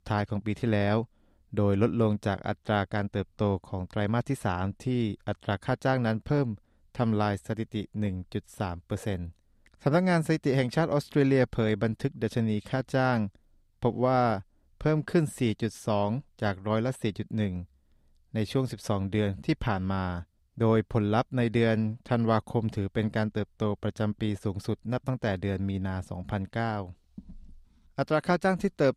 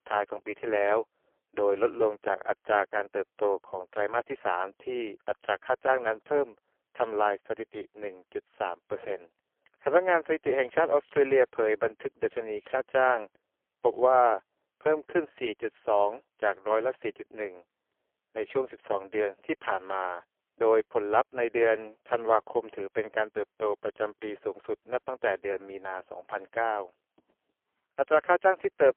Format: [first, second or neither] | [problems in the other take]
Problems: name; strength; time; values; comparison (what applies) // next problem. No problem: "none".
first | phone-call audio; poor line; nothing above 3 kHz